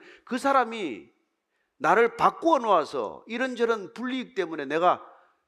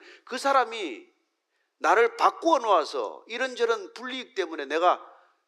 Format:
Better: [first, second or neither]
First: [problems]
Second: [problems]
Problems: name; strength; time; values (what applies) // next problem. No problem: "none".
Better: first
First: none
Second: thin; somewhat; fading below 300 Hz